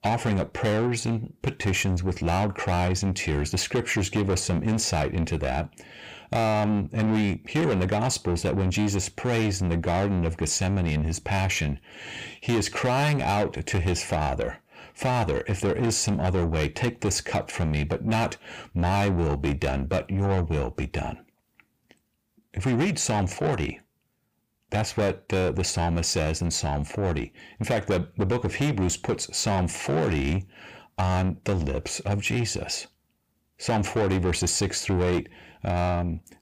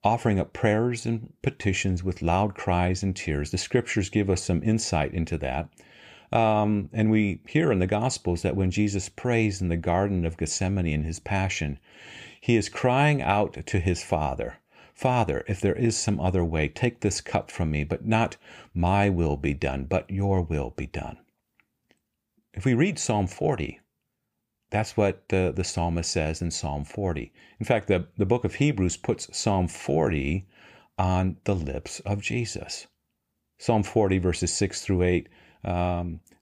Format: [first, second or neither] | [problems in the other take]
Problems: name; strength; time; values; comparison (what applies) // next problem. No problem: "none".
second | distortion; heavy; 8 dB below the speech